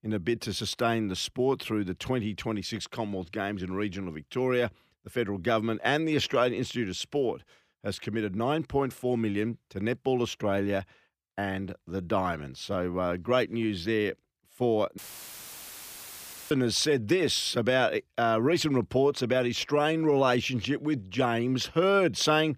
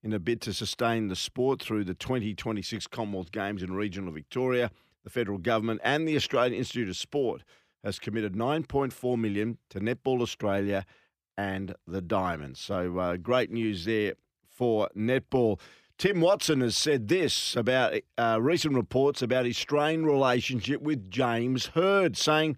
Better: second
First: audio cutting out; filled with static; at 15 s for 1.5 s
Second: none

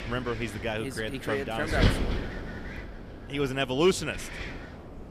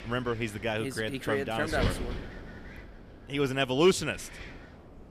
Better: second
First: wind noise on the microphone; heavy; 7 dB below the speech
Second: wind noise on the microphone; occasional gusts; 15 dB below the speech

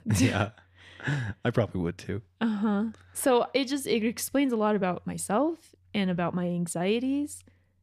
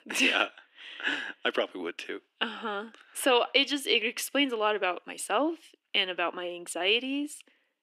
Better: first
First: none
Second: thin; somewhat; fading below 300 Hz

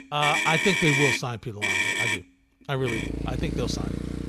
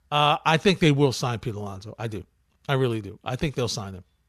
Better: second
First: traffic noise; very loud; throughout; 3 dB above the speech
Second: none

